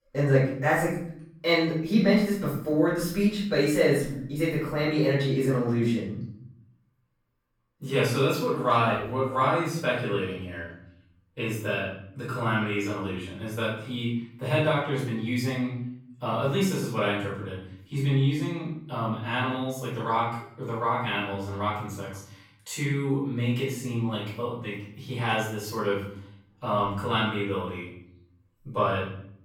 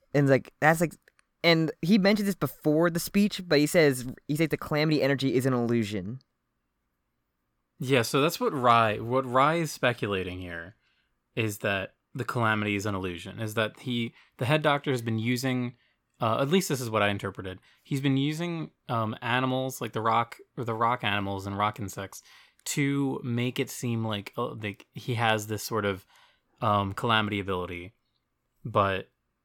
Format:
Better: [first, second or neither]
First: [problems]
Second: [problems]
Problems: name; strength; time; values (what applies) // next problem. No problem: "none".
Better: second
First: off-mic speech; far // room echo; noticeable; dies away in 0.6 s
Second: none